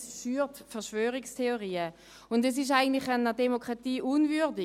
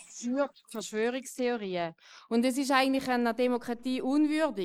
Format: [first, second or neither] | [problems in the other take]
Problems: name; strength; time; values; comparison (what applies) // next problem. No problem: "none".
first | noise reduction (neural mask model Resemble Enhance denoiser)